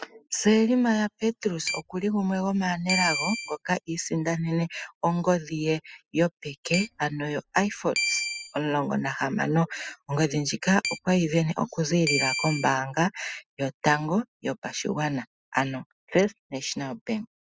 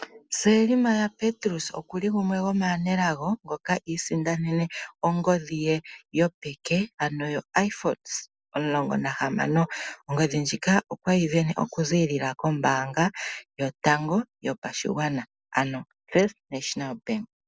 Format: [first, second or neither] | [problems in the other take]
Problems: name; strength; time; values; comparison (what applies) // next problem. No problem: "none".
second | noise reduction (classical method spectral subtraction)